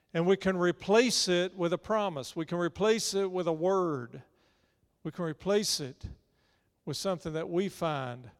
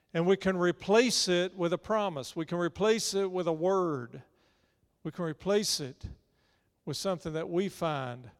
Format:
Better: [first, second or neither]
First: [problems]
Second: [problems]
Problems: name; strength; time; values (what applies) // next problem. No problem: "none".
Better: neither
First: none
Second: none